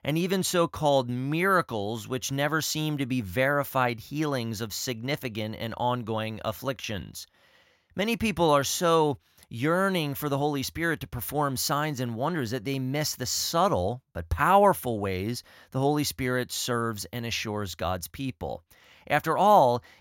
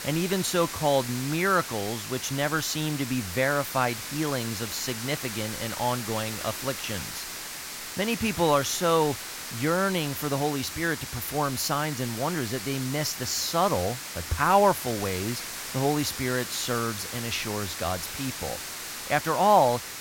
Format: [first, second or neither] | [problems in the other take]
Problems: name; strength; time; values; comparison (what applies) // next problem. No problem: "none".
first | hiss; loud; throughout; 7 dB below the speech